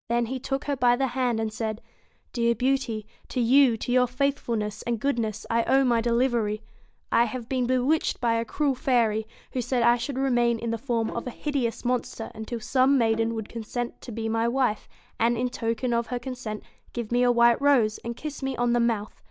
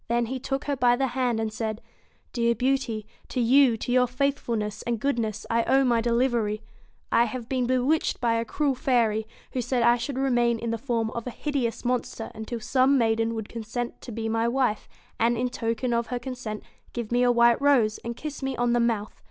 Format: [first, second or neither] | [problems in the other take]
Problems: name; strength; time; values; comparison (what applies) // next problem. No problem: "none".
second | noise reduction (neural mask model DeepFilterNet 3)